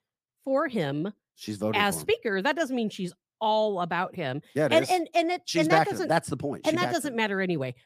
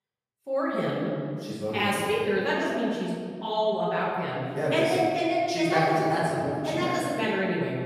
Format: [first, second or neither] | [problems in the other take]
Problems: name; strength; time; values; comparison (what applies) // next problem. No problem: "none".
first | off-mic speech; far // room echo; strong; dies away in 1.8 s